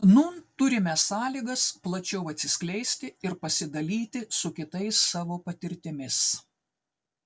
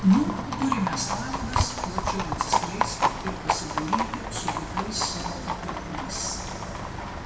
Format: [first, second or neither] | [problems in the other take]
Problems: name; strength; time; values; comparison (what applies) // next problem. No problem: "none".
first | background sound (Livestock, farm animals, working animals); 1 dB above the speech // room echo; dies away in 1.3 s